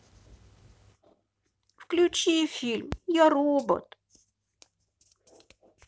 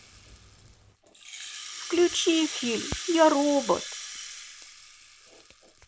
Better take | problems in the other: first | background sound (Rattle (instrument)); 11 dB below the speech

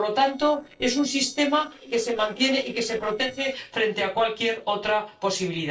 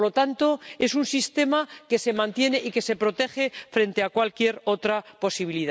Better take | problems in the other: second | noise reduction (neural separator model SepFormer DNS4)

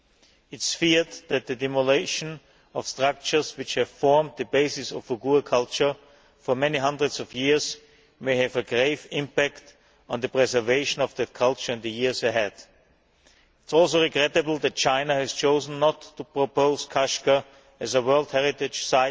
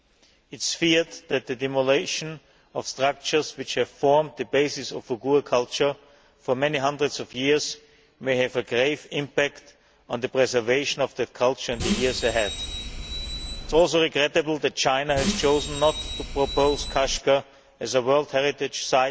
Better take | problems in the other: first | background sound (Bus); 6 dB below the speech

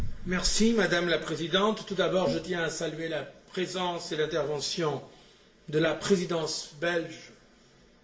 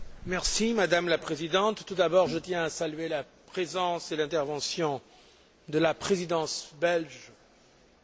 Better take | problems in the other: second | room echo; dies away in 0.5 s

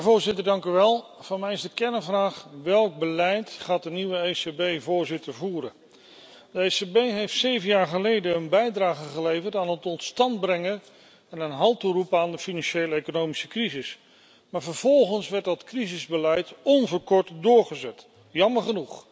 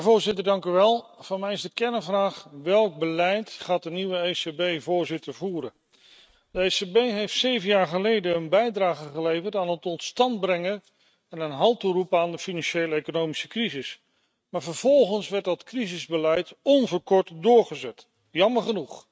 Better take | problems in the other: first | noise reduction (neural mask model RNNoise)

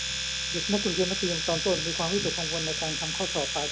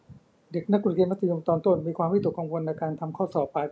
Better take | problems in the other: second | background sound (Domestic sounds, home sounds); as loud as the speech

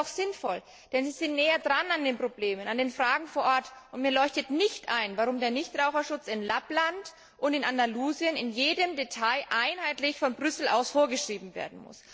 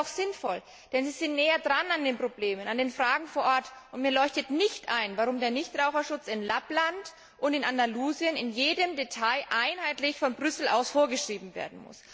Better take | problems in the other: second | noise reduction (neural separator model SepFormer DNS4)

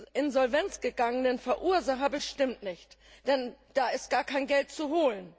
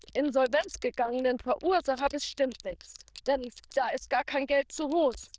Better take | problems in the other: first | noise reduction (neural diffusion model UNIVERSE++)

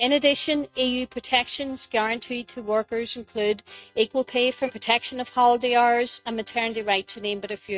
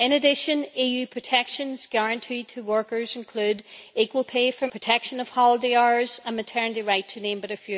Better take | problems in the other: second | noise reduction (neural mask model RNNoise)

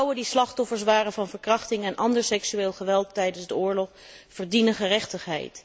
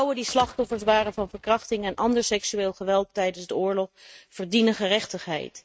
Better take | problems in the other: first | noise reduction (neural mask model RNNoise)

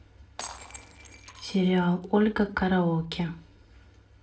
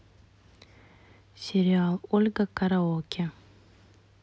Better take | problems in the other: second | noise reduction (neural separator model SepFormer DNS4)

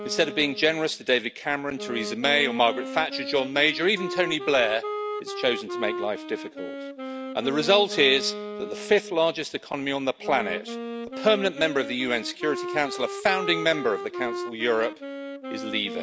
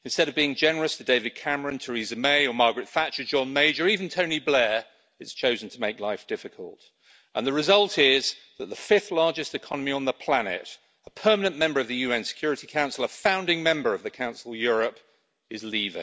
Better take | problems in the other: second | background sound (Wind instrument, woodwind instrument); 9 dB below the speech

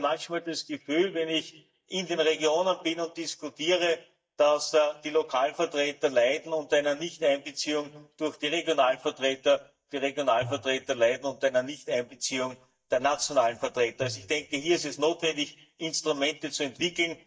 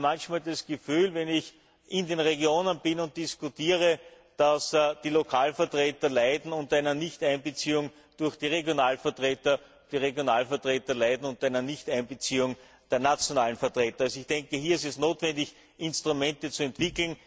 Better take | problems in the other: second | noise reduction (neural mask model DeepFilterNet 3)

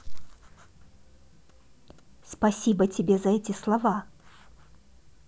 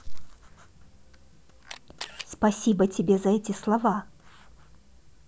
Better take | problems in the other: first | background sound (Camera); 16 dB below the speech

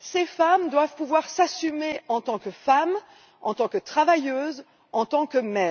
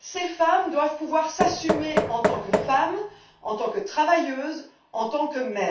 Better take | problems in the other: first | background sound (Knock); 3 dB below the speech // room echo; dies away in 0.3 s

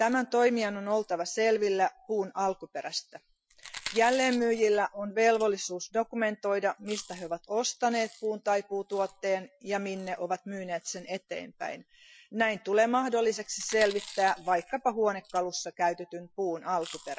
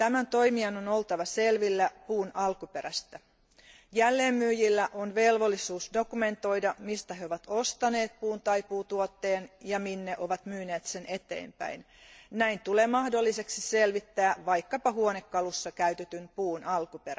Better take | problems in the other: second | noise reduction (classical method Wiener filter)

